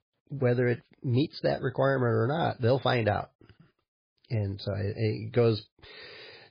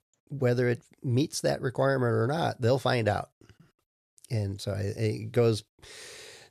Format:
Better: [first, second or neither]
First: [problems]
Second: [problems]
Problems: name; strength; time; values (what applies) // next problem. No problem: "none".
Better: second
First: garbled, watery; badly; nothing above 5 kHz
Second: none